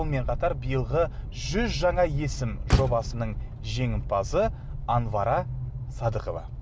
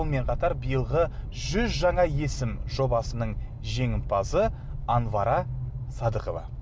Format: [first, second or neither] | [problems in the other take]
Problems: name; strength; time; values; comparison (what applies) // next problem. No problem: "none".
second | background sound (Motor vehicle (road)); 9 dB below the speech